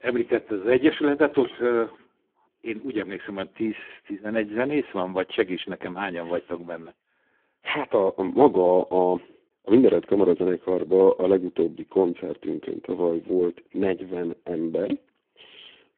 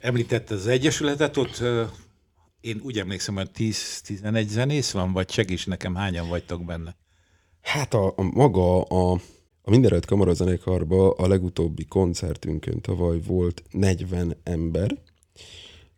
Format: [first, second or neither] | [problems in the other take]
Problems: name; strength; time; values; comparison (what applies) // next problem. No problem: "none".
second | phone-call audio; poor line